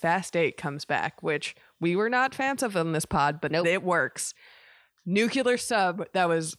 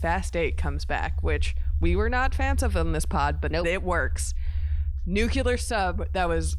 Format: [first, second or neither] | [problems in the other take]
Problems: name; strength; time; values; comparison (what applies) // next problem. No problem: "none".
first | low rumble; faint; throughout; 20 dB below the speech